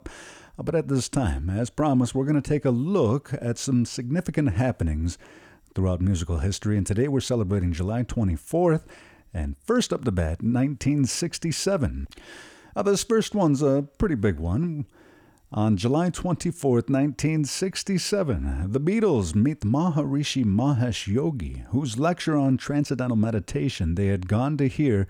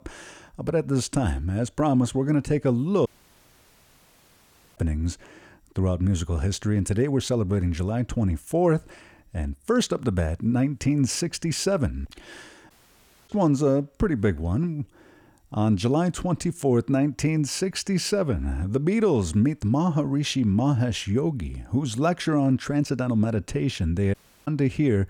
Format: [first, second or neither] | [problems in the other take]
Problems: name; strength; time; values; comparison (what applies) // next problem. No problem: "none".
first | audio cutting out; at 3 s for 1.5 s, at 13 s for 0.5 s and at 24 s